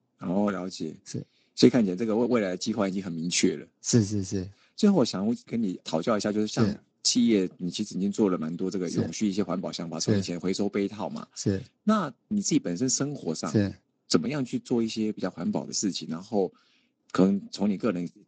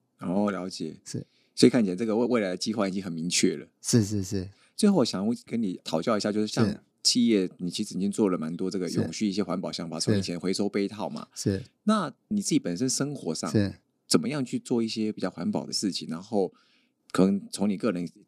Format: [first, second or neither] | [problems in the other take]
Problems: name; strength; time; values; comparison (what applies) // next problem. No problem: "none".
second | garbled, watery; slightly; nothing above 7.5 kHz